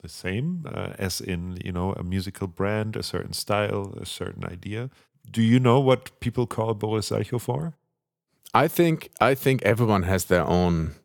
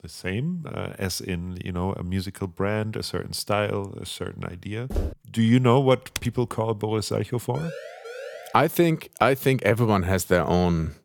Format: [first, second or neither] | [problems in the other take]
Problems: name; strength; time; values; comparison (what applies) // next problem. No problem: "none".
first | footsteps; noticeable; at 5 s; peak 6 dB below the speech // keyboard typing; noticeable; at 6 s; peak 10 dB below the speech // siren; faint; at 7.5 s; peak 15 dB below the speech